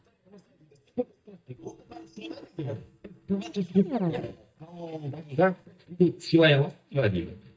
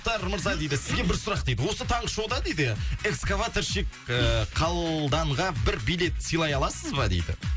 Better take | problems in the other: second | noise reduction (neural mask model DeepFilterNet 3)

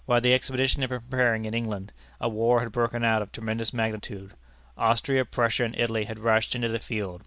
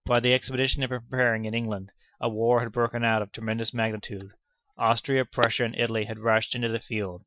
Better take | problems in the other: first | noise reduction (classical method Wiener filter)

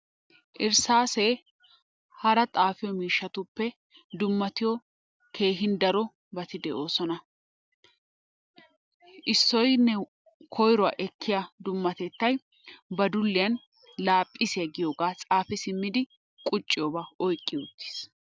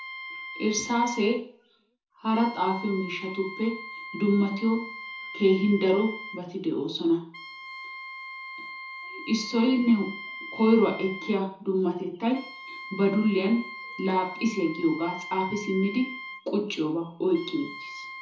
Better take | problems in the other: first | background sound (Wind instrument, woodwind instrument); 13 dB below the speech // room echo; dies away in 0.5 s

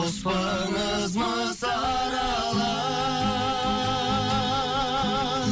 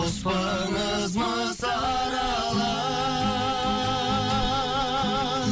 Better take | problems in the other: first | background sound (Fireworks); 17 dB below the speech

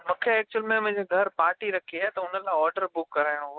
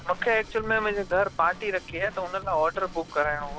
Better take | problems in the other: first | background sound (Drum / Drum kit + Train); 15 dB below the speech

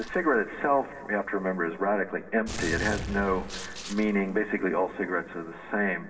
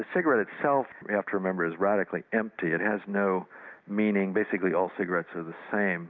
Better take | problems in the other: second | background sound (Gunshot, gunfire); 13 dB below the speech // room echo; dies away in 2 s

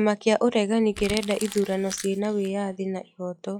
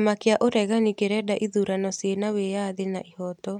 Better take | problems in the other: second | noise reduction (classical method log-MMSE)

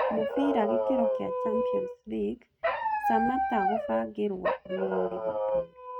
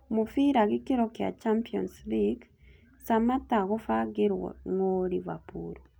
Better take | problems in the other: second | noise reduction (neural mask model RNNoise)

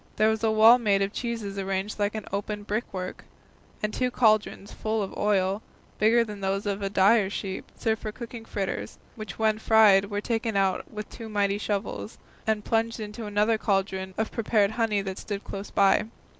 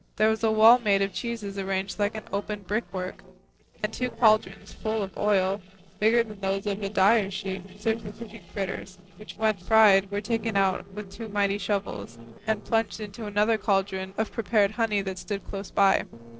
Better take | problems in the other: first | noise reduction (neural separator model SepFormer DNS4)

